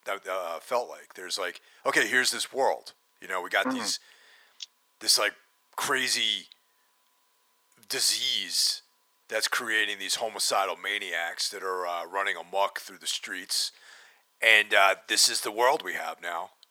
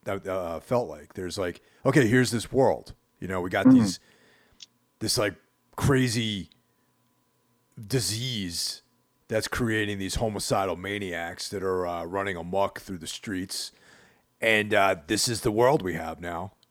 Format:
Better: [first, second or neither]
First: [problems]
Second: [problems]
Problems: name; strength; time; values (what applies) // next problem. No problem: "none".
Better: second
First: thin; very; fading below 800 Hz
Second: none